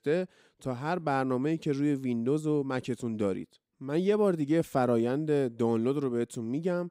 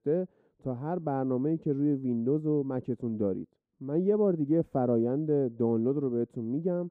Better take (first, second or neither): first